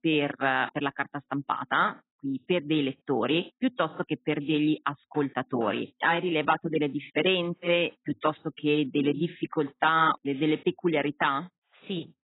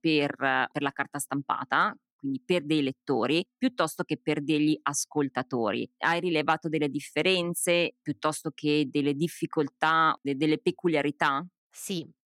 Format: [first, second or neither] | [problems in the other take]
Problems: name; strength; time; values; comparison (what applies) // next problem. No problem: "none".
second | garbled, watery; badly; nothing above 4 kHz